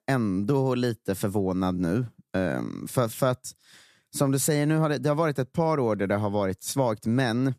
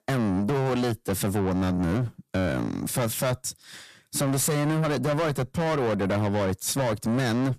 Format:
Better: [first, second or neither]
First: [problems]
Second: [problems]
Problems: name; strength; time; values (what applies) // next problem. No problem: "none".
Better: first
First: none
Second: distortion; heavy; 6 dB below the speech